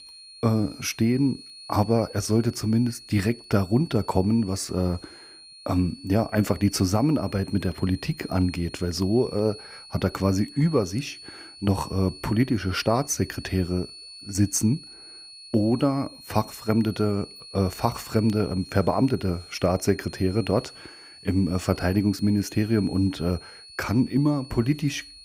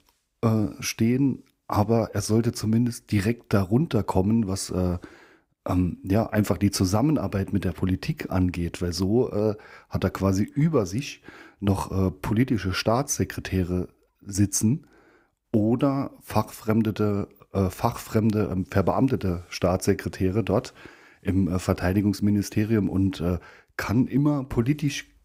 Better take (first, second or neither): second